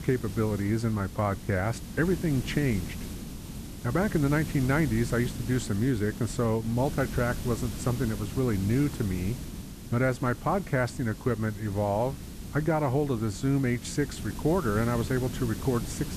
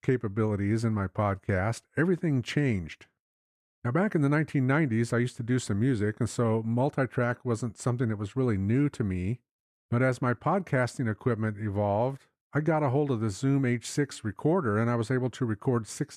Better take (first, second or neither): second